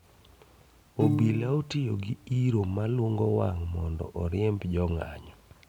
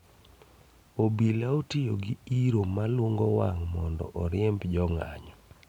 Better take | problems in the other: second | background sound (Piano); 10 dB below the speech

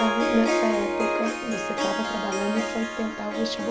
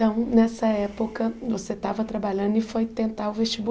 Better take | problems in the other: second | background sound (Harp); 1 dB above the speech

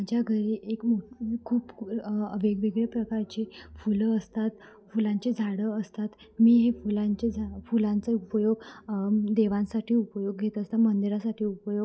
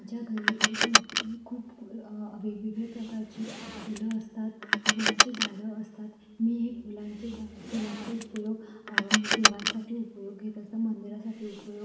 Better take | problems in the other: first | background sound (Car); 4 dB above the speech // room echo; dies away in 1 s

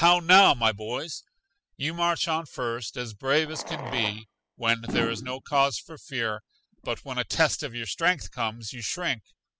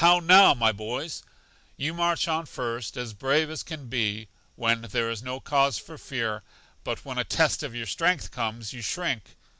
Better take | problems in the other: second | noise reduction (classical method spectral subtraction)

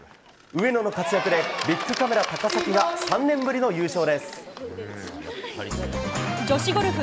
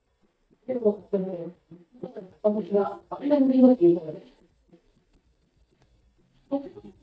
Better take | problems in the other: first | noise reduction (neural mask model DeepFilterNet 3)

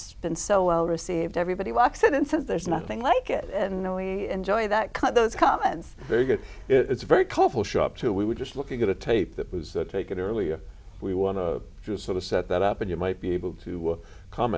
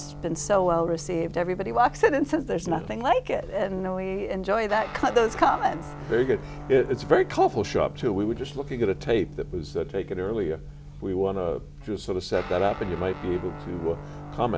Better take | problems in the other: first | background sound (Guitar); 15 dB below the speech

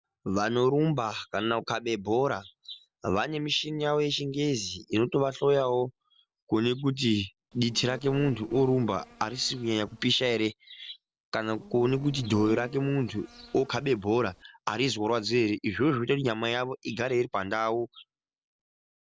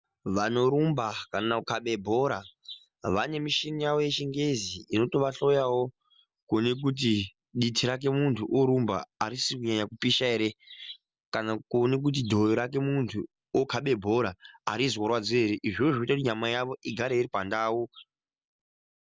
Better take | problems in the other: second | noise reduction (neural separator model SepFormer DNS4)

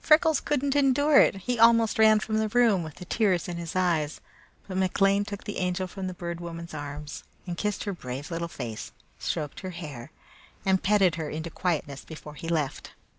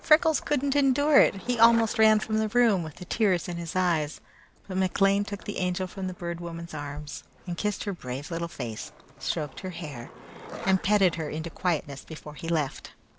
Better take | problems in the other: first | background sound (Skateboard); 20 dB below the speech

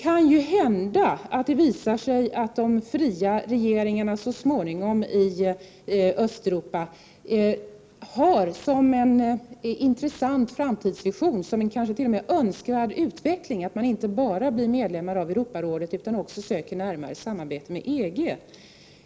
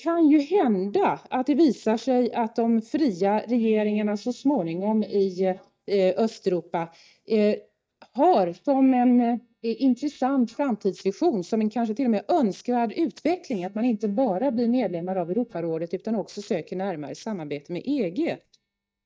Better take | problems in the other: first | noise reduction (neural mask model DeepFilterNet 3)

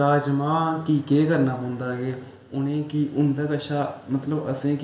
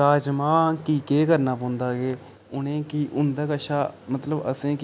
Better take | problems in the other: second | room echo; dies away in 1.2 s

